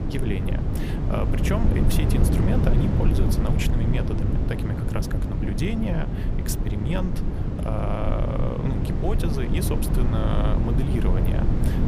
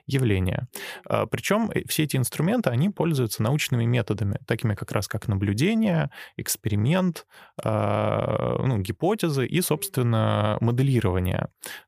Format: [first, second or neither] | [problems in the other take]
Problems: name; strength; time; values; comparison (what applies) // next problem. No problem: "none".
second | low rumble; loud; throughout; 1 dB below the speech